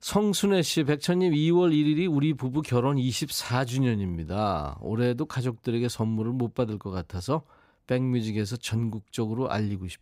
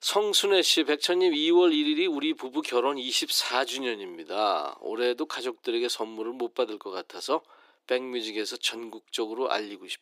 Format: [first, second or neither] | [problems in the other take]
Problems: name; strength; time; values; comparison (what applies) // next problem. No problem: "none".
first | thin; very; fading below 350 Hz